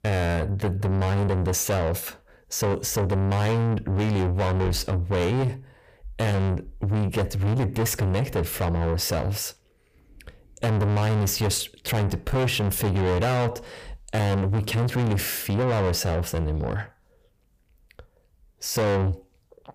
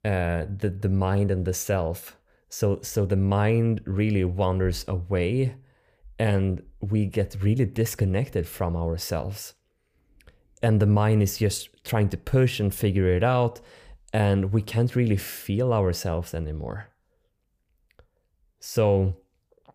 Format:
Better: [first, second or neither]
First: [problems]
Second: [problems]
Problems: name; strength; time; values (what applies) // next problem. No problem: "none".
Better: second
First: distortion; heavy; 6 dB below the speech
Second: none